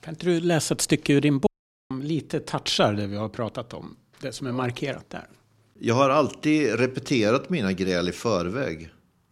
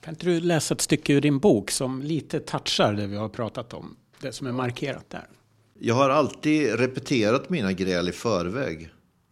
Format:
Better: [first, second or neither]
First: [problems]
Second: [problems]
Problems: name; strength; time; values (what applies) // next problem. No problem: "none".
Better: second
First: audio cutting out; at 1.5 s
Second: none